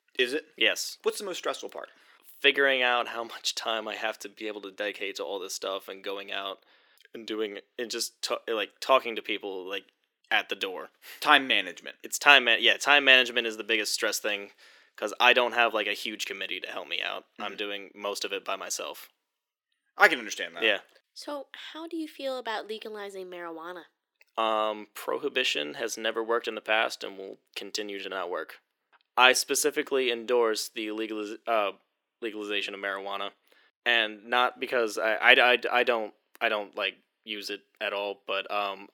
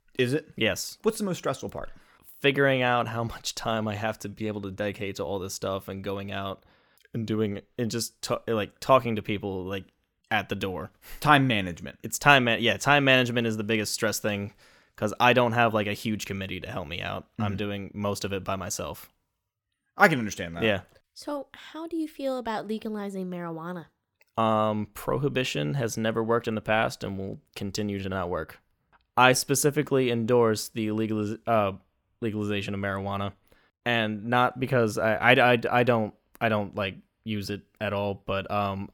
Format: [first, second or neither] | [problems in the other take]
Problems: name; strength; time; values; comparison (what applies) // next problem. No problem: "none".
second | thin; somewhat; fading below 350 Hz